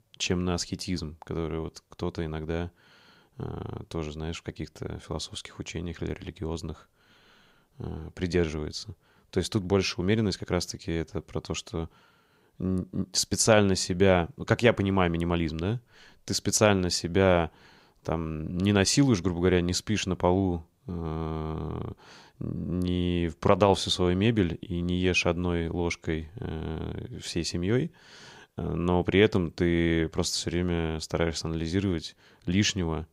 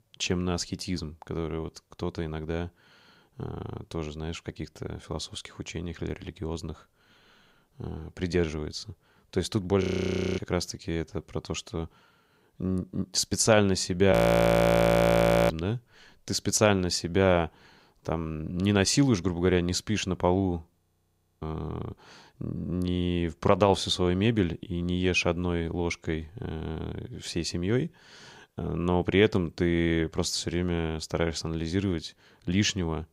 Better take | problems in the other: first | audio freezing; at 10 s for 0.5 s, at 14 s for 1.5 s and at 21 s for 0.5 s

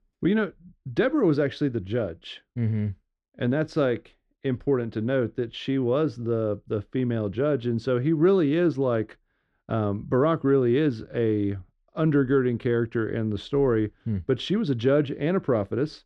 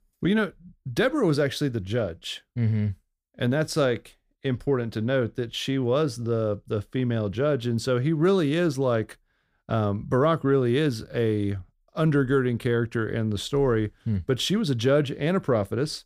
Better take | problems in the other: second | muffled; slightly; fading above 3 kHz

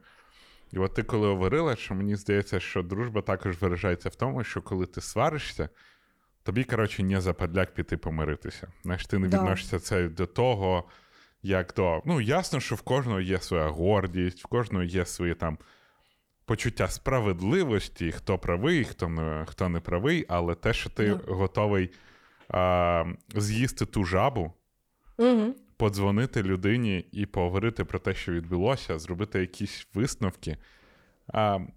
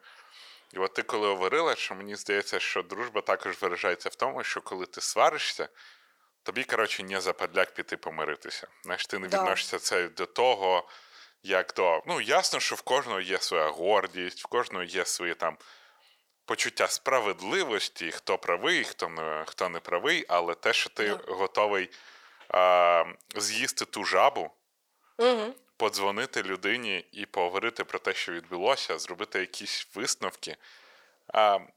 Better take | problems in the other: first | thin; very; fading below 650 Hz

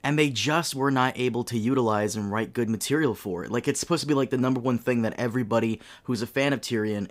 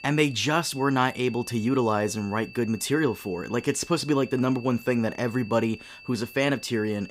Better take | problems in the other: first | high-pitched whine; noticeable; throughout; 2.5 kHz, 20 dB below the speech

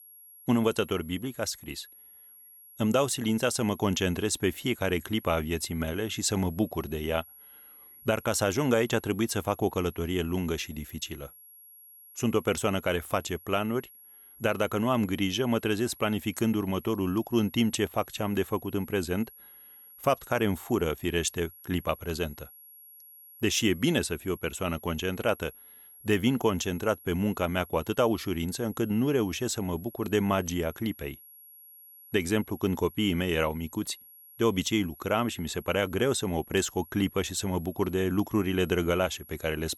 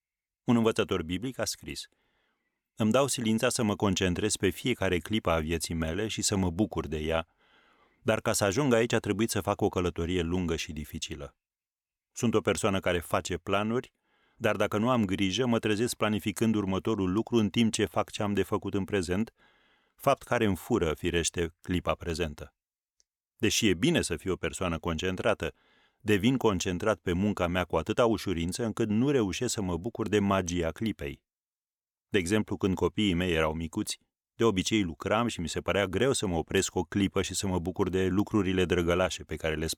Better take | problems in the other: second | high-pitched whine; faint; throughout; 11.5 kHz, 20 dB below the speech

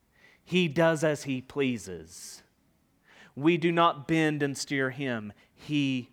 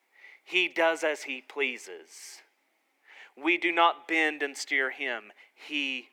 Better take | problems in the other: first | thin; very; fading below 350 Hz

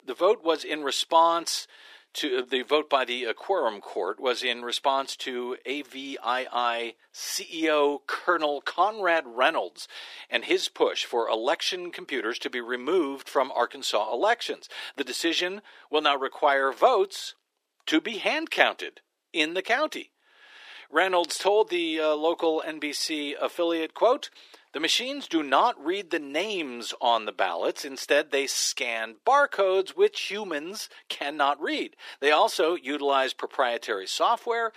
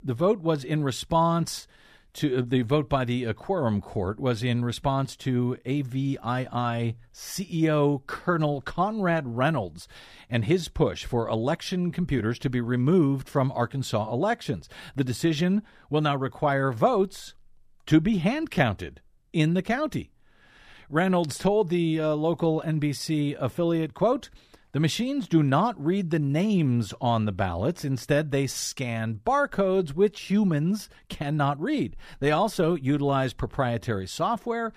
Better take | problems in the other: second | thin; very; fading below 350 Hz

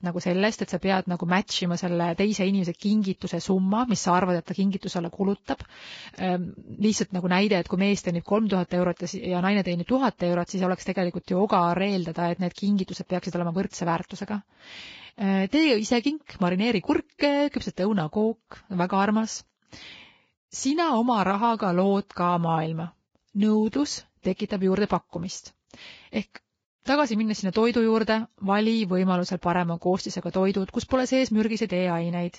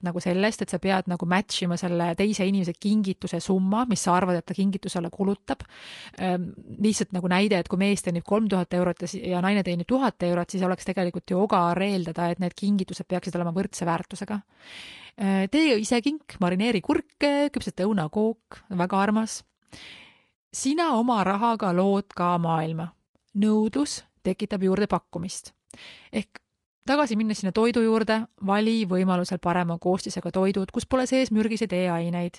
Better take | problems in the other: second | garbled, watery; badly; nothing above 7.5 kHz; slightly in the second

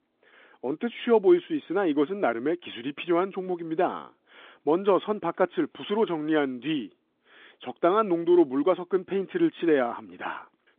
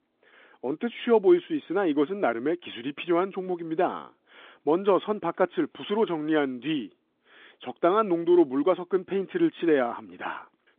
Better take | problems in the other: neither | phone-call audio; nothing above 3.5 kHz; the same in both

